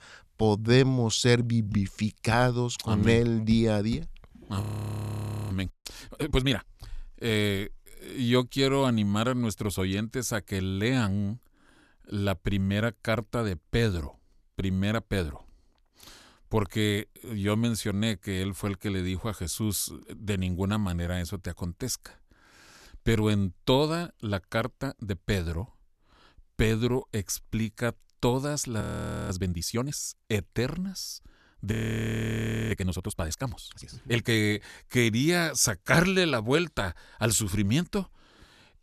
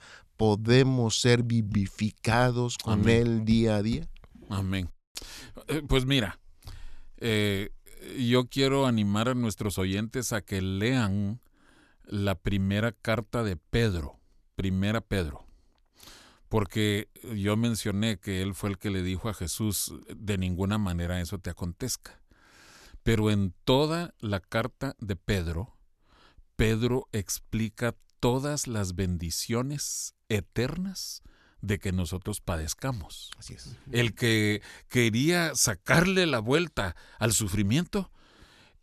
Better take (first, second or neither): second